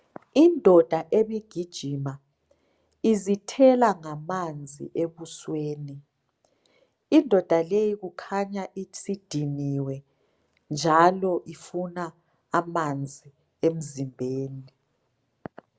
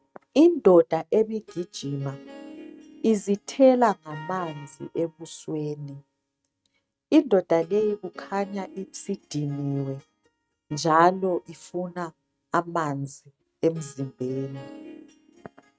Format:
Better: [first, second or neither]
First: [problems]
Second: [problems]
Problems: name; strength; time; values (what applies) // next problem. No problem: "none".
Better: first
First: none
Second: noise reduction (neural mask model RNNoise)